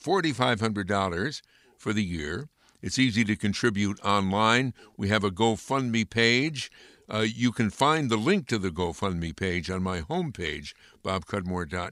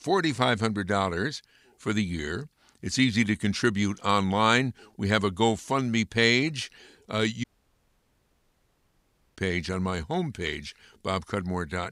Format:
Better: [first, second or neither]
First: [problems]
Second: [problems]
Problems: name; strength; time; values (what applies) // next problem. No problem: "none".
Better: first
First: none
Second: audio cutting out; at 7.5 s for 2 s